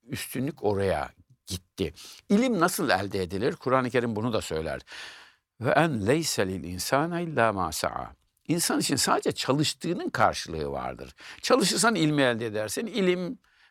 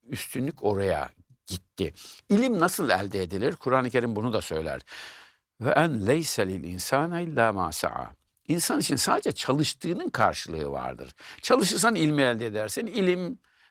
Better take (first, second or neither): first